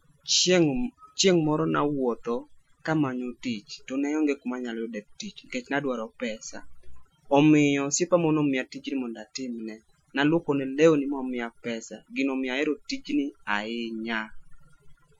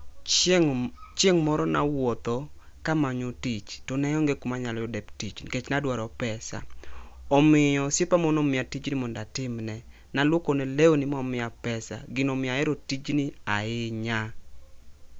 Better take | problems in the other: second | noise reduction (classical method Wiener filter)

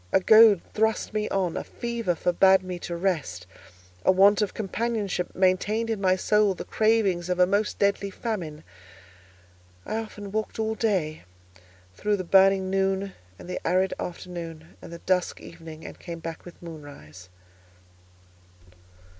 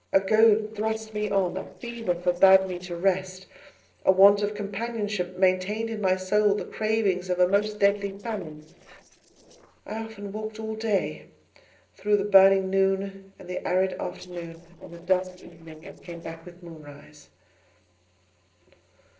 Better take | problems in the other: first | noise reduction (neural separator model SepFormer DNS4)

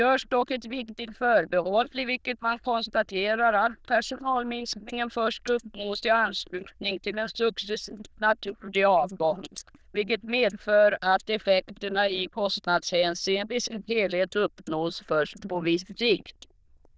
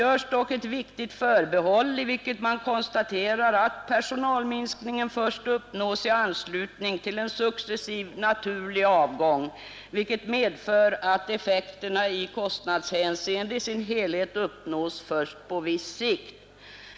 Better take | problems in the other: second | noise reduction (neural diffusion model UNIVERSE++)

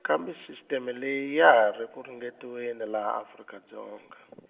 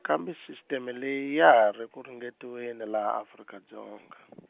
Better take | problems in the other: second | room echo; dies away in 1 s

